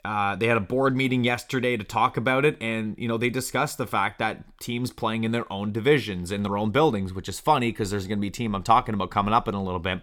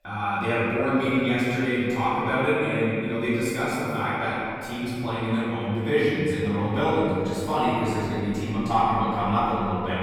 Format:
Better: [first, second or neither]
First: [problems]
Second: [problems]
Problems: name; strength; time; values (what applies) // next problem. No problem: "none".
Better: first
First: none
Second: off-mic speech; far // room echo; strong; dies away in 2.4 s